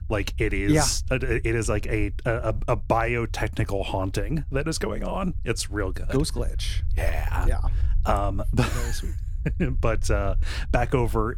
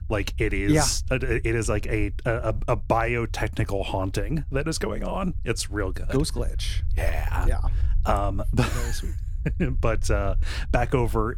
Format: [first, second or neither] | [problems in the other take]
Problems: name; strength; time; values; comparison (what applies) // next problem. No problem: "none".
neither | low rumble; faint; throughout; 25 dB below the speech; the same in both